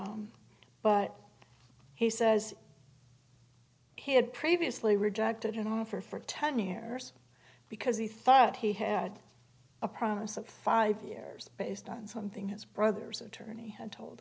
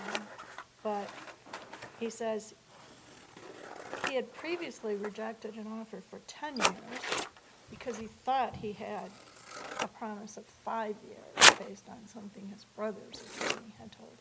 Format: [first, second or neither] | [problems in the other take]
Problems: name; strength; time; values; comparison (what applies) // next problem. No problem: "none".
first | background sound (Scissors); 4 dB above the speech